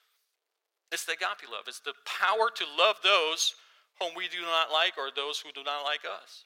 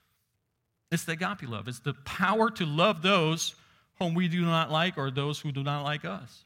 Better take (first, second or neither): second